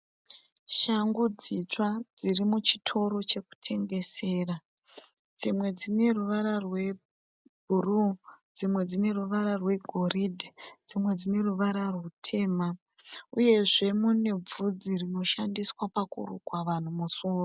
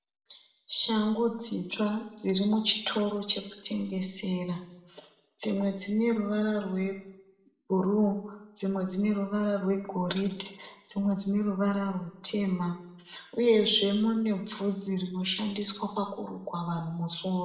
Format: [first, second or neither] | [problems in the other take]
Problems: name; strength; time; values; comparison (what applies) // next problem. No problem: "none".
first | room echo; dies away in 0.7 s